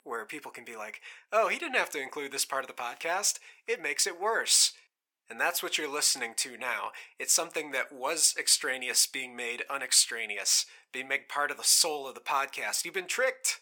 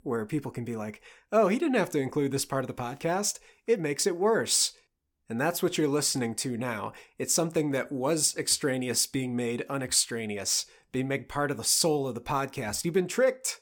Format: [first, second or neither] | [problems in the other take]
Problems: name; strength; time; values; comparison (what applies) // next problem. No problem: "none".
second | thin; very; fading below 800 Hz